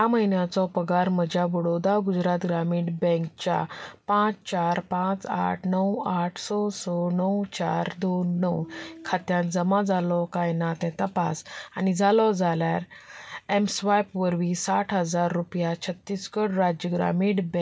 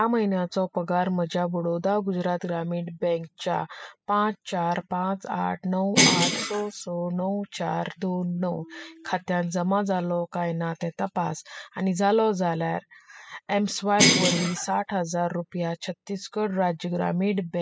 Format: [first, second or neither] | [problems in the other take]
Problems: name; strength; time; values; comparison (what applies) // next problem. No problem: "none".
first | noise reduction (classical method spectral subtraction)